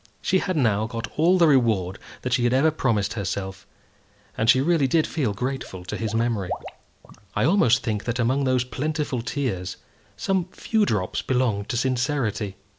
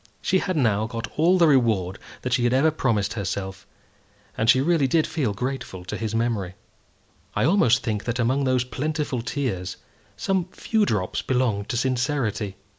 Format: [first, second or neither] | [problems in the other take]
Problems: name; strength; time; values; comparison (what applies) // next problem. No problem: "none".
second | background sound (Water / Liquid); 16 dB below the speech